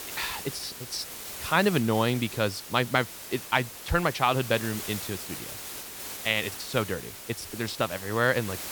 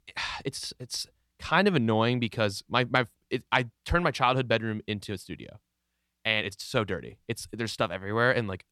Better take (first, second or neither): second